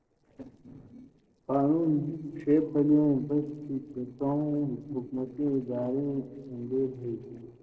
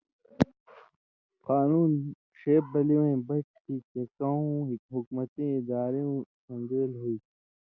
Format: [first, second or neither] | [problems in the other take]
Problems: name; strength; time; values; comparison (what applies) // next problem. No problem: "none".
second | noise reduction (neural separator model SepFormer DNS4)